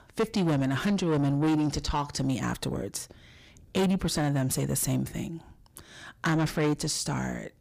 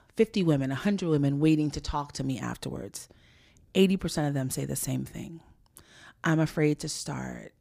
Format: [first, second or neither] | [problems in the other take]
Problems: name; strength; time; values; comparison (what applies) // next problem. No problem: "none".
second | distortion; heavy; 7 dB below the speech